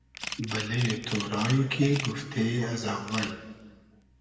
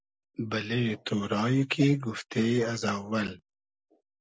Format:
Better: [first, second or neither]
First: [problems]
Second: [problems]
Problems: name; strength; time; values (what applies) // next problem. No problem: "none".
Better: second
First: background sound (Camera); 11 dB below the speech // room echo; dies away in 1.2 s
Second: none